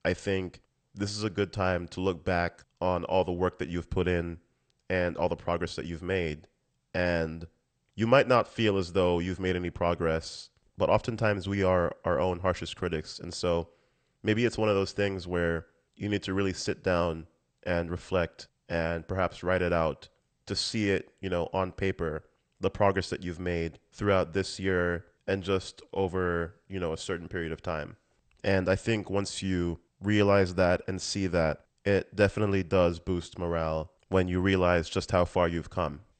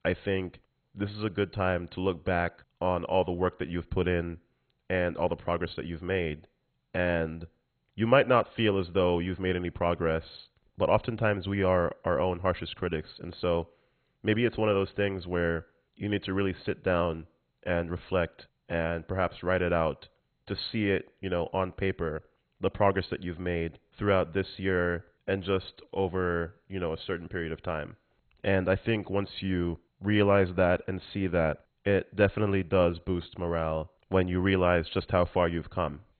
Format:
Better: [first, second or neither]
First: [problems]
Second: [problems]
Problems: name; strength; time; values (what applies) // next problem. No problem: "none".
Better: first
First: garbled, watery; slightly; nothing above 8.5 kHz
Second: garbled, watery; badly; nothing above 4 kHz